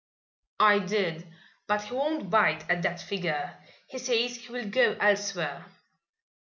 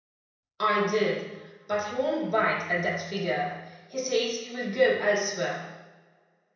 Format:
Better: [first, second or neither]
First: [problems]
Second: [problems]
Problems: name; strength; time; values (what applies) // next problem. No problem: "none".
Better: first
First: none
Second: room echo; dies away in 0.9 s